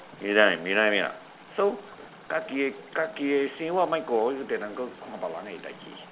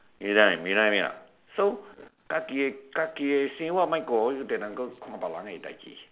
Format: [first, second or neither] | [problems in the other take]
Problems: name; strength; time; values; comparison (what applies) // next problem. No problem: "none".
second | background sound (Chatter / Stream); 20 dB below the speech